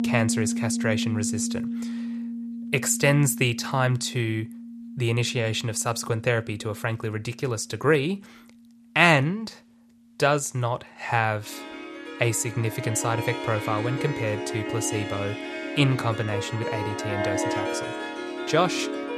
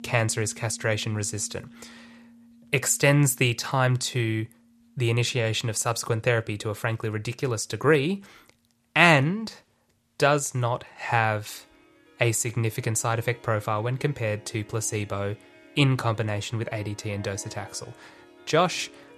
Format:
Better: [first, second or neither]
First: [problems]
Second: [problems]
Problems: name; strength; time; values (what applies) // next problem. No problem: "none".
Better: second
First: background music; loud; throughout; 6 dB below the speech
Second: background music; faint; throughout; 25 dB below the speech